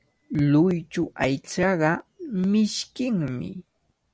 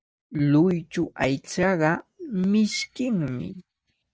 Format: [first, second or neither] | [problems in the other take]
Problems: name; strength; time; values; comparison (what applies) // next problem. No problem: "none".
first | noise reduction (neural mask model DeepFilterNet 3)